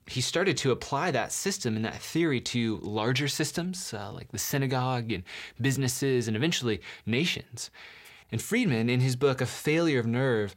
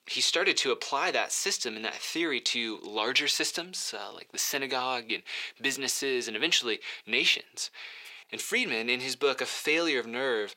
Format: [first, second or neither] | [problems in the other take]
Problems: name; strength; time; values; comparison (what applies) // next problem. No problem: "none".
first | thin; somewhat; fading below 350 Hz